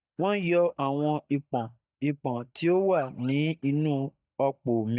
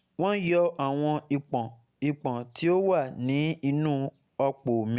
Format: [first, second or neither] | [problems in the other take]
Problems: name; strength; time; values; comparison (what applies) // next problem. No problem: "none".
second | noise reduction (neural mask model DeepFilterNet 3)